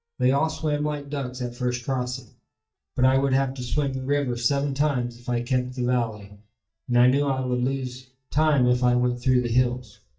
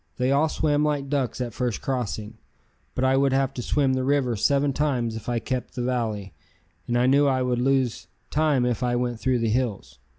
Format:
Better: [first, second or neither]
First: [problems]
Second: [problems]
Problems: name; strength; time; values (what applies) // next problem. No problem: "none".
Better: second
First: noise reduction (neural mask model DeepFilterNet 3)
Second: none